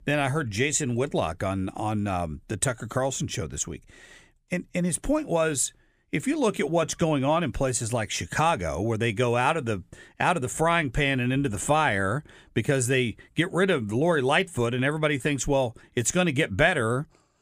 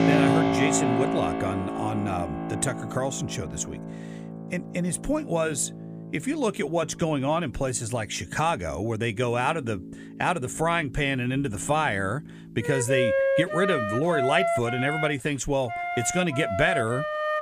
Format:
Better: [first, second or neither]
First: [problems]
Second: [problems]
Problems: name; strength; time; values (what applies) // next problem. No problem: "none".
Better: first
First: none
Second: background music; loud; throughout; 1 dB below the speech